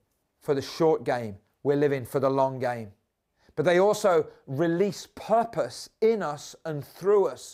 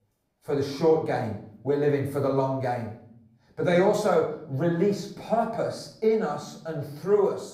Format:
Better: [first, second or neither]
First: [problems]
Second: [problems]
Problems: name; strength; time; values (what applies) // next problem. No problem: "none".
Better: first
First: none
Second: off-mic speech; far // room echo; slight; dies away in 0.6 s